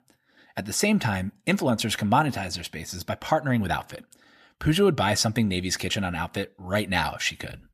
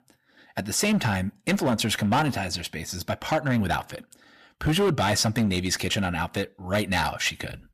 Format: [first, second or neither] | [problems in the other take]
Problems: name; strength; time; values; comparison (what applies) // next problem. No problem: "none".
first | distortion; slight; 7% of the sound clipped